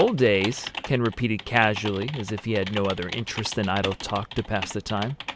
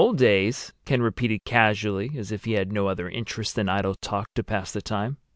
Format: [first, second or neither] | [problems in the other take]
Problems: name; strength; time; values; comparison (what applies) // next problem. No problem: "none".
second | background sound (Typing); 11 dB below the speech